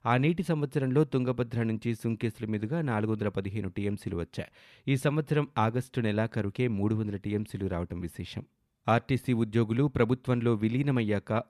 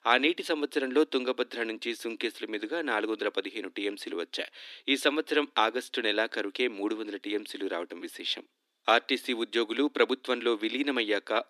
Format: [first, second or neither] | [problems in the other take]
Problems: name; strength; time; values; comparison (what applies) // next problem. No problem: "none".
first | thin; somewhat; fading below 300 Hz